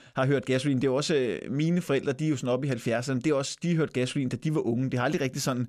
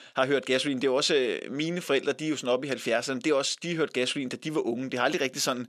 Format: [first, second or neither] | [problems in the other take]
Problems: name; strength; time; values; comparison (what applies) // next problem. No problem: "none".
first | thin; somewhat; fading below 350 Hz